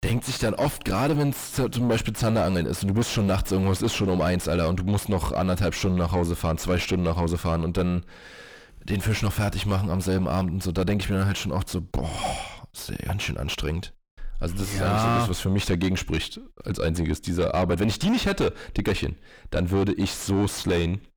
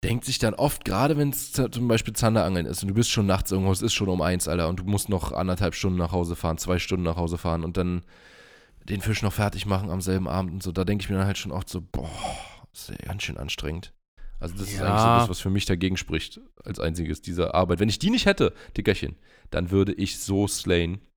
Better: second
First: distortion; heavy; 6 dB below the speech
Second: none

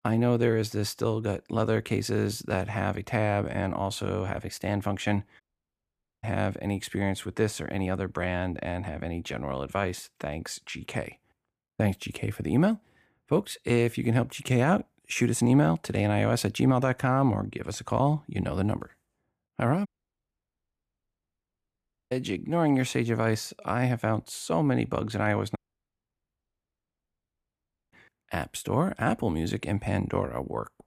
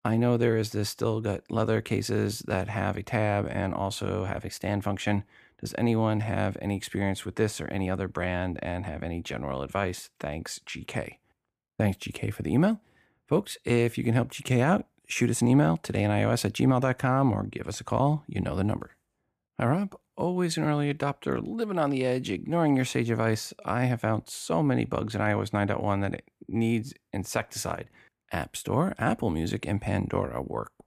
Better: second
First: audio cutting out; at 5.5 s for 1 s, at 20 s for 2.5 s and at 26 s for 2.5 s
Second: none

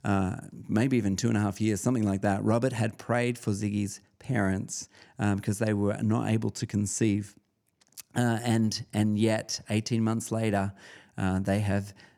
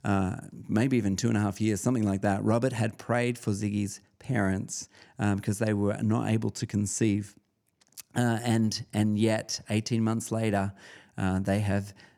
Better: neither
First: none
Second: none

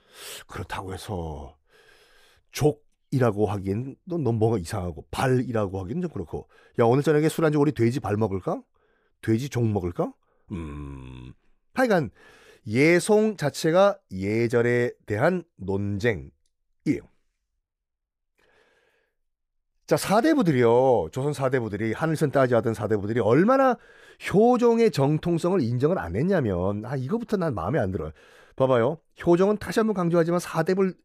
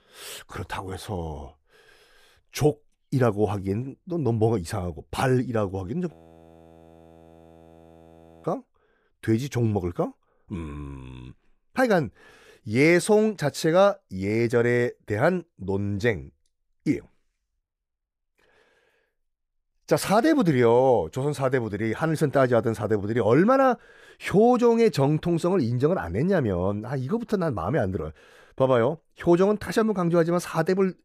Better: first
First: none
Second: audio freezing; at 6 s for 2.5 s

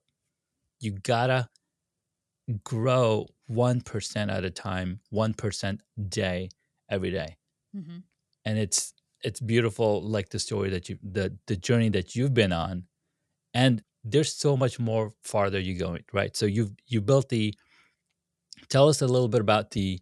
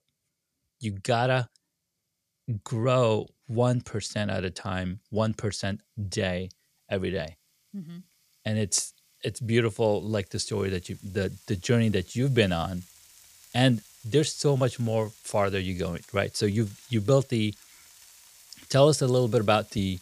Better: first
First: none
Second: household noises; faint; throughout; 25 dB below the speech

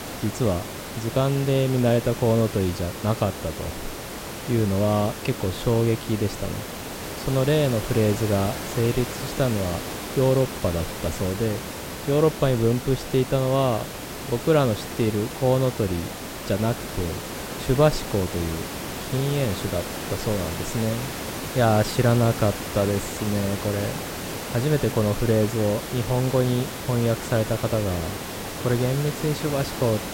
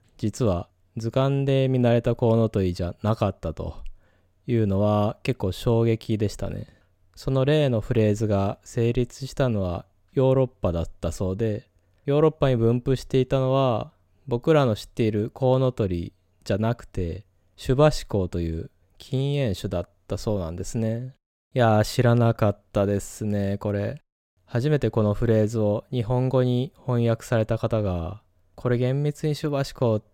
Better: second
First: hiss; loud; throughout; 8 dB below the speech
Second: none

